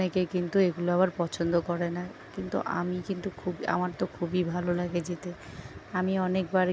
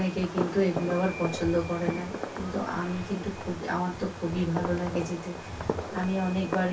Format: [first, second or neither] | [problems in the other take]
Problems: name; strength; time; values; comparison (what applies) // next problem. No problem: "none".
first | background sound (Fireworks); 7 dB below the speech // room echo; dies away in 0.1 s